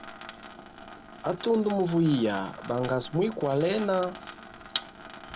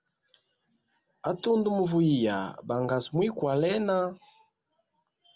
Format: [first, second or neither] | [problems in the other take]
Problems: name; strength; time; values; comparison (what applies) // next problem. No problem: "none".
second | background sound (Sink (filling or washing) / Water tap, faucet); 14 dB below the speech